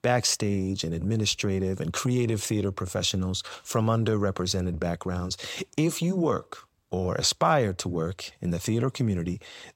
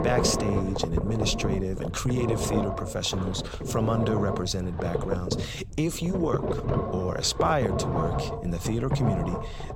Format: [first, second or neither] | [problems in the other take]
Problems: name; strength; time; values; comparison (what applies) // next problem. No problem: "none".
first | low rumble; loud; throughout; 2 dB below the speech